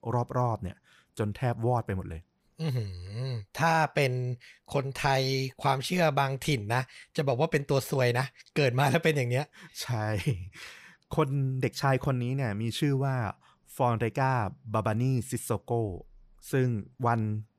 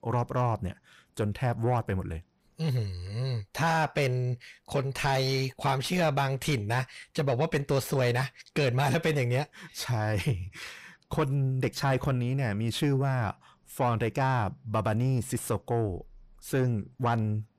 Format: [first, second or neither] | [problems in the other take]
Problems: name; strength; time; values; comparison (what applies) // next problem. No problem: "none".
first | distortion; slight; 10 dB below the speech